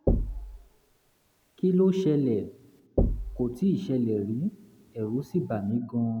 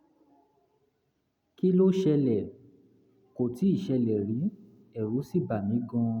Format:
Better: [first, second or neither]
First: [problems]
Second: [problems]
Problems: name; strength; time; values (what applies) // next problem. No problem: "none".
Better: second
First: background sound (Knock); 5 dB below the speech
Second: none